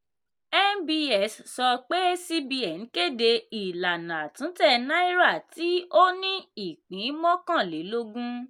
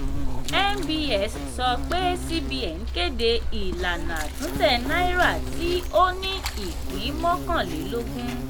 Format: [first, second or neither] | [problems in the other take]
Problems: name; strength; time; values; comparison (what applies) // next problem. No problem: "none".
first | background sound (Insect); 2 dB below the speech